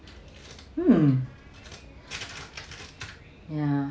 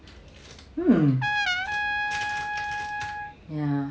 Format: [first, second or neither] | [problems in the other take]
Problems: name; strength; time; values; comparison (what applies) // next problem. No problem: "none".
first | background sound (Trumpet); 2 dB below the speech